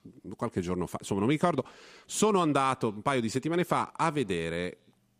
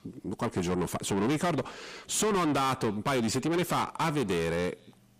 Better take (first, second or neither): first